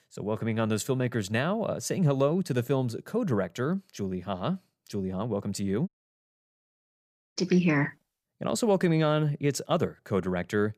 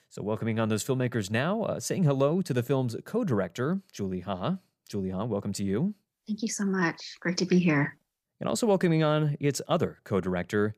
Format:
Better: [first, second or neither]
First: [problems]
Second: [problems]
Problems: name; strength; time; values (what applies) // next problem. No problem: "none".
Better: second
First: audio cutting out; at 6 s for 1.5 s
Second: none